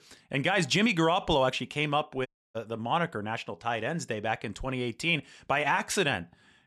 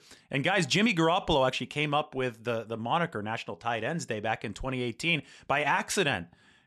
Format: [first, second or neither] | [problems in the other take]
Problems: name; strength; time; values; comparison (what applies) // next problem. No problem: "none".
second | audio cutting out; at 2.5 s